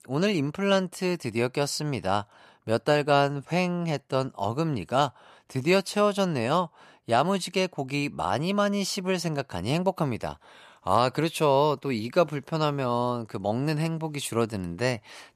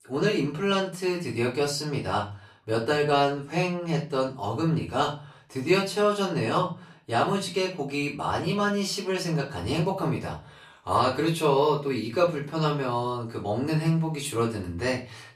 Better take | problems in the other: first | off-mic speech; far // room echo; slight; dies away in 0.3 s

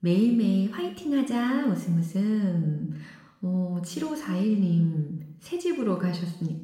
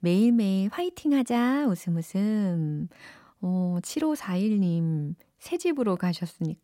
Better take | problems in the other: second | room echo; slight; dies away in 0.8 s // off-mic speech; somewhat distant

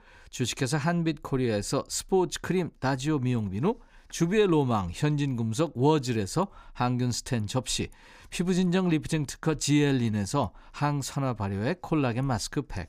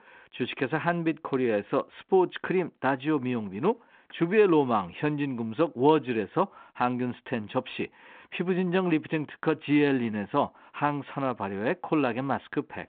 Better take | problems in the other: first | phone-call audio; nothing above 3.5 kHz

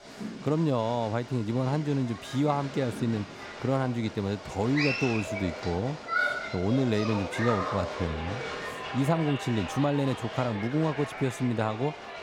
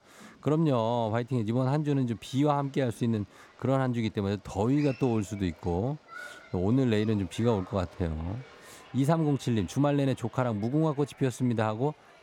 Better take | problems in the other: second | crowd noise; loud; throughout; 6 dB below the speech; faint in the second

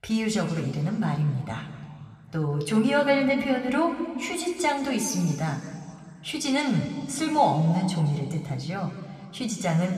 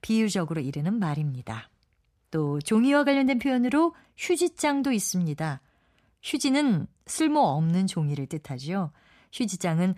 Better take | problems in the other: second | room echo; slight; dies away in 2.1 s // off-mic speech; somewhat distant

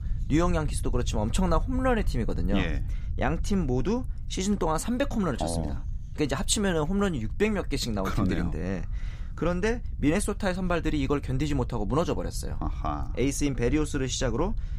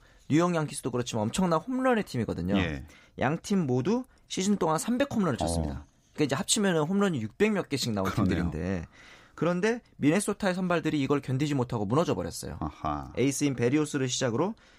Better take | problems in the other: second | low rumble; faint; throughout; 25 dB below the speech

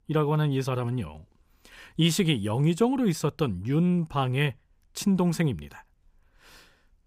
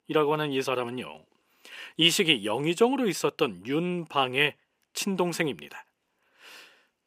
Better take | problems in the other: first | thin; somewhat; fading below 350 Hz

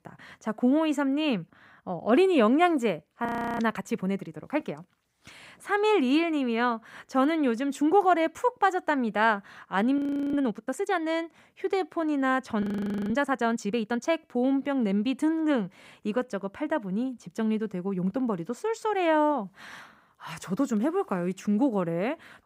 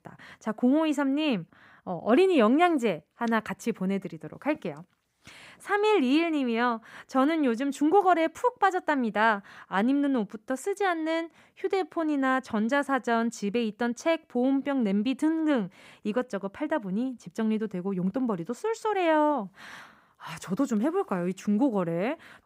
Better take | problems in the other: second | audio freezing; at 3.5 s, at 10 s and at 13 s

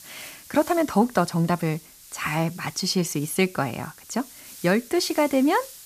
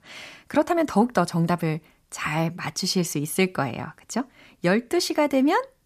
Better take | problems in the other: second | hiss; noticeable; throughout; 20 dB below the speech

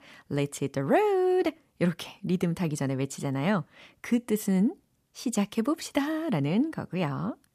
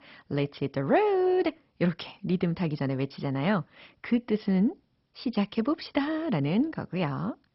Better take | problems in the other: first | garbled, watery; badly; nothing above 5.5 kHz

